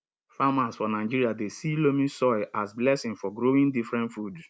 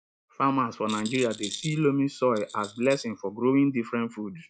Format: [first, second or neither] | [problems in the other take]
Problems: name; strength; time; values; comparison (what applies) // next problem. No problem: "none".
first | noise reduction (classical method log-MMSE)